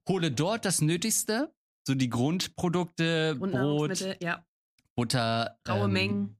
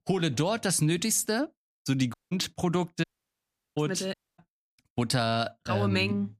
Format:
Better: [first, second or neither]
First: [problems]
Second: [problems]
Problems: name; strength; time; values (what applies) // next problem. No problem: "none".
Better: first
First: none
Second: audio cutting out; at 2 s, at 3 s for 0.5 s and at 4 s